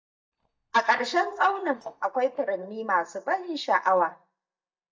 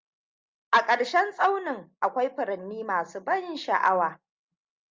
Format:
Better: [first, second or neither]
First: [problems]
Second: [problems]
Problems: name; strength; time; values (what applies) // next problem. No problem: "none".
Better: second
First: noise reduction (neural mask model DeepFilterNet 3)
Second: none